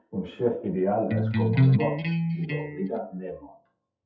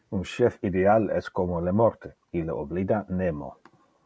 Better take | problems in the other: second | noise reduction (classical method WPE with log-MMSE)

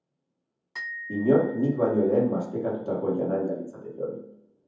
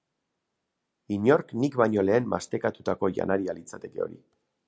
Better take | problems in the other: second | background sound (Glockenspiel); 16 dB below the speech // room echo; dies away in 0.7 s

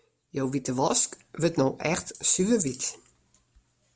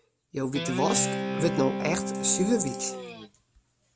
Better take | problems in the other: first | background sound (Guitar); 3 dB below the speech

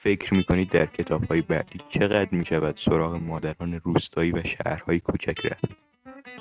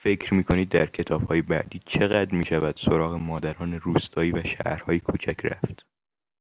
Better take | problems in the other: second | noise reduction (neural mask model RNNoise)

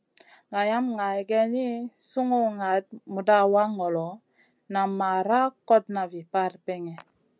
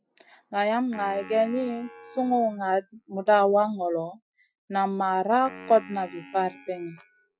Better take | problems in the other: first | noise reduction (classical method Wiener filter)

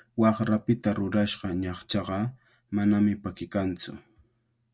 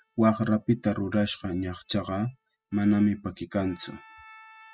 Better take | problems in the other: first | noise reduction (classical method spectral subtraction)

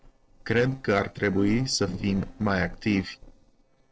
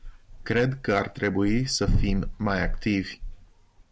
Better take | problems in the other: second | noise reduction (neural separator model SepFormer DNS4)

